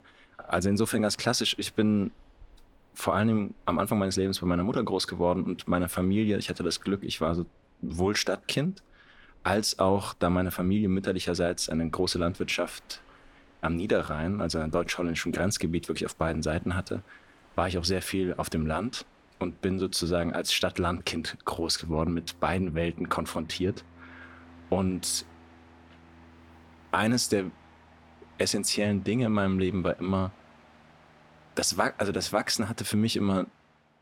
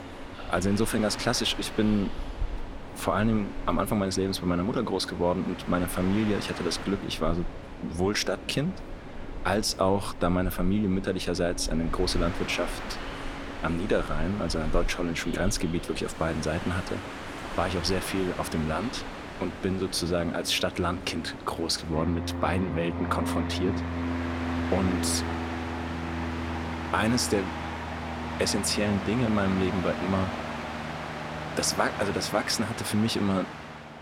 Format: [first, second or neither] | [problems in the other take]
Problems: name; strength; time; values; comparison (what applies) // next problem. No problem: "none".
first | train or aircraft noise; loud; throughout; 7 dB below the speech; faint in the first